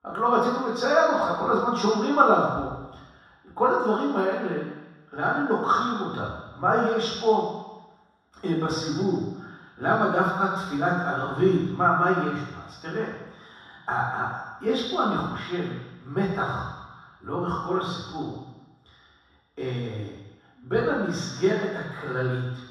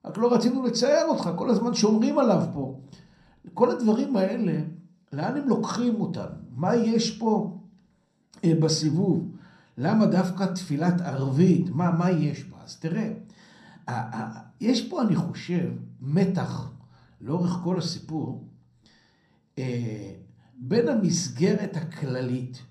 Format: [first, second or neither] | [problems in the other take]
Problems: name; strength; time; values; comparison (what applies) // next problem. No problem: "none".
second | room echo; strong; dies away in 1.2 s; slight in the second // off-mic speech; far; somewhat distant in the second